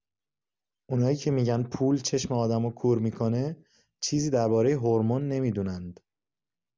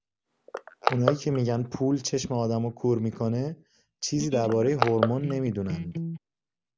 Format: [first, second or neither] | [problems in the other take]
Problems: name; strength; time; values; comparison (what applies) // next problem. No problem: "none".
first | background sound (Electric guitar + Crushing); 7 dB below the speech